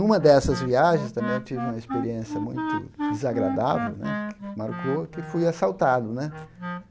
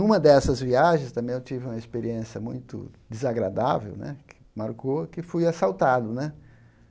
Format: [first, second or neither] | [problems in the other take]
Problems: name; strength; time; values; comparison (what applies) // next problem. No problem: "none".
second | background sound (Wind instrument, woodwind instrument); 7 dB below the speech